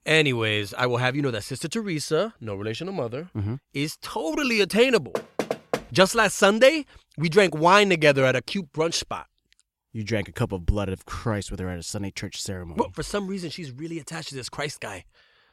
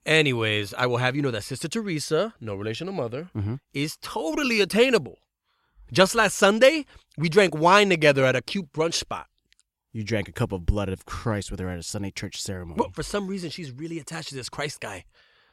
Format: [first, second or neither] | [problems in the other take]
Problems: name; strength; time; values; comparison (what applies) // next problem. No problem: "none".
second | door banging; noticeable; at 5 s; peak 5 dB below the speech